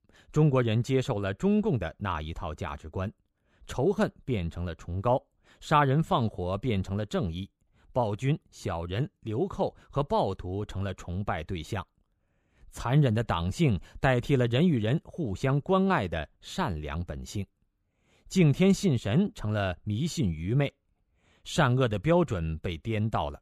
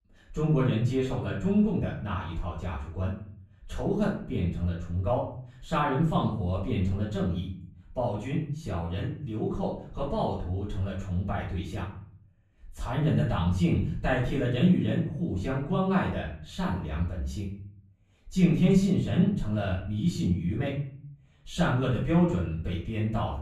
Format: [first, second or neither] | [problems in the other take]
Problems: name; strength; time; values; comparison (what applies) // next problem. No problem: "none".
first | off-mic speech; far // room echo; noticeable; dies away in 0.6 s